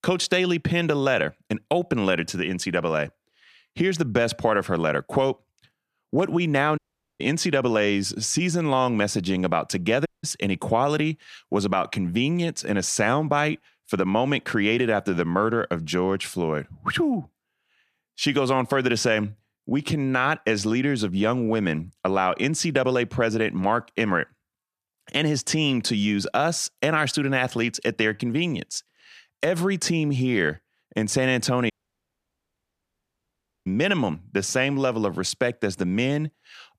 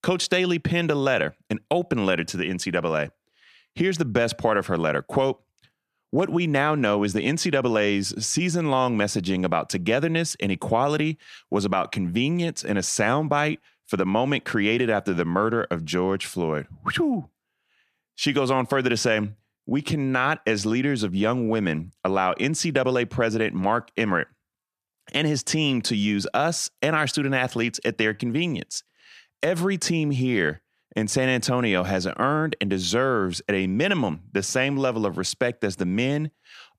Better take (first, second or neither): second